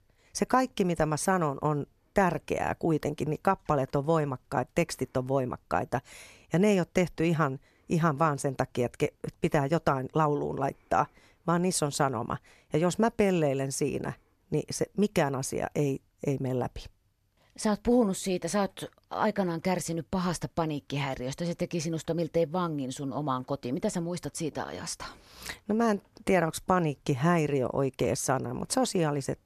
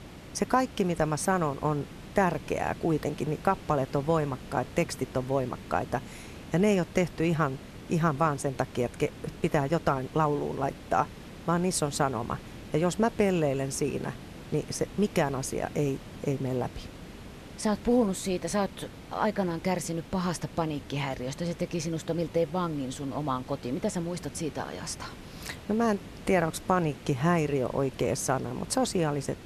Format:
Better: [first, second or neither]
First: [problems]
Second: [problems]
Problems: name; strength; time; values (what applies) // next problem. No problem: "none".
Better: first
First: none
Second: hiss; noticeable; throughout; 15 dB below the speech